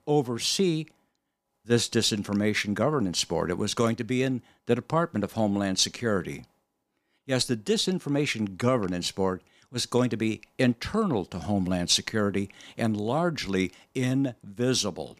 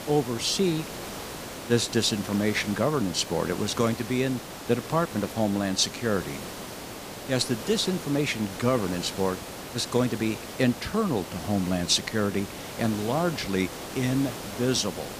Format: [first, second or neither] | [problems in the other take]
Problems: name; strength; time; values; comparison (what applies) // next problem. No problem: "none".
first | hiss; noticeable; throughout; 10 dB below the speech